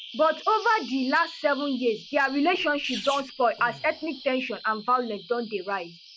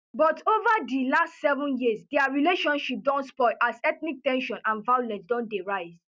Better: second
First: background sound (Bird vocalization, bird call, bird song + Sneeze); 16 dB below the speech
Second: none

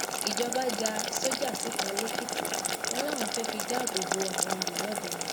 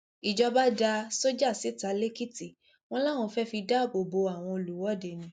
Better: second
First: background sound (Boiling); 4 dB above the speech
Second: none

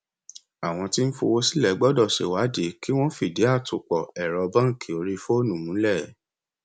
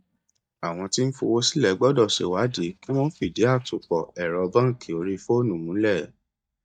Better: first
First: none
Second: noise reduction (neural mask model DeepFilterNet 3)

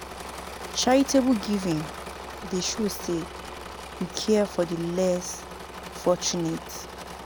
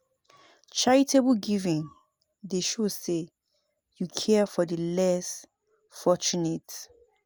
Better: second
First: background sound (Engine / Mechanisms); 11 dB below the speech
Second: none

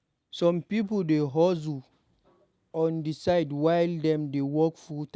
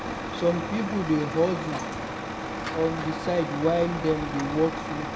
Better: first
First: none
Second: background sound (Truck); 5 dB below the speech // room echo; dies away in 1 s

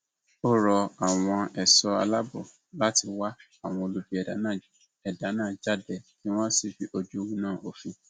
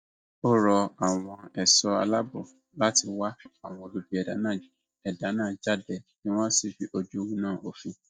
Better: first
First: none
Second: noise reduction (neural mask model DeepFilterNet 3)

